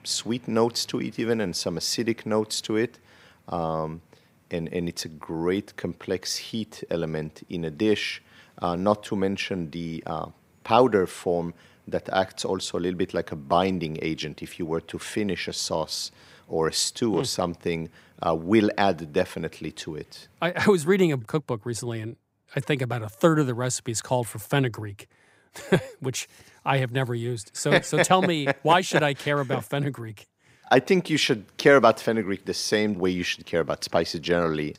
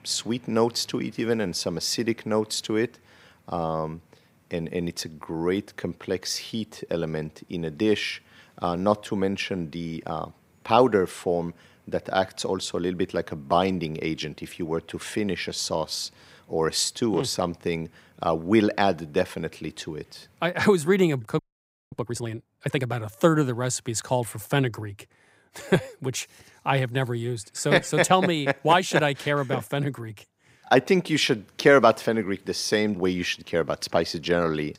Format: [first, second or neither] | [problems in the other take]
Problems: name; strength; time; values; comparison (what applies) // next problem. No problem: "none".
first | audio freezing; at 21 s for 0.5 s